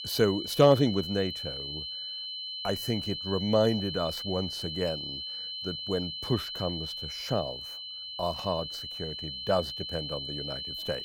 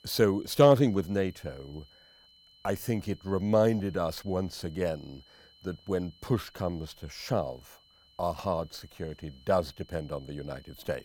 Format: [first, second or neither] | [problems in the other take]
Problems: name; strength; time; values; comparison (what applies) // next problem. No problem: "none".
second | high-pitched whine; loud; throughout; 3 kHz, 5 dB below the speech; faint in the second